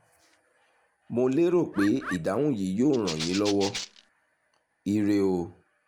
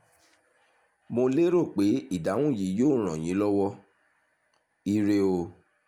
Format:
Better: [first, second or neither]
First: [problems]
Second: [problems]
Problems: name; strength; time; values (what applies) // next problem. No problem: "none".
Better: second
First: background sound (Bird + Rattle (instrument)); 9 dB below the speech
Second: none